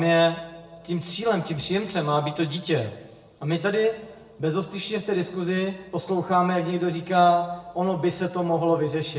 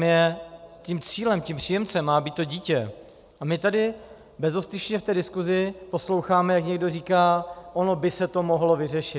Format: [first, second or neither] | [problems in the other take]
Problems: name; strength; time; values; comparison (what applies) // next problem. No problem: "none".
second | room echo; dies away in 0.7 s